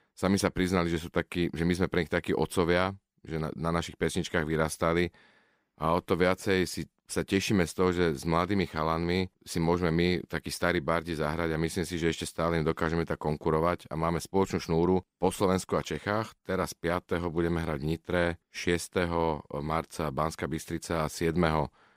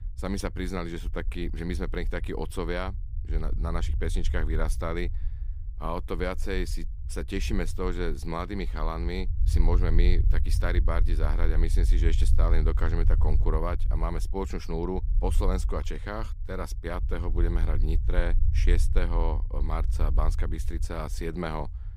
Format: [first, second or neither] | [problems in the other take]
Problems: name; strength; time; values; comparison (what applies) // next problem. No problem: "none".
first | low rumble; noticeable; throughout; 15 dB below the speech